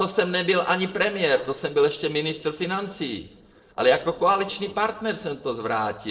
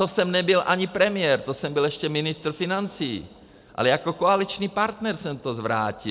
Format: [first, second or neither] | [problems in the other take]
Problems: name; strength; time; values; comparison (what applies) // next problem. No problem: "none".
second | noise reduction (neural separator model SepFormer DNS4)